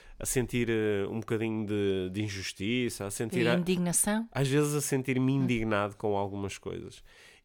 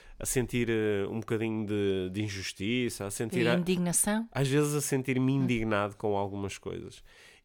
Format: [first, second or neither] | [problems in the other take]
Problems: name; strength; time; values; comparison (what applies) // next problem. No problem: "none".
neither | none